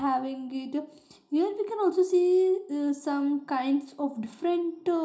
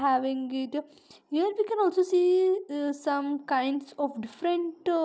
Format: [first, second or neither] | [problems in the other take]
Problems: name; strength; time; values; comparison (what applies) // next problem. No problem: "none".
second | room echo; dies away in 0.4 s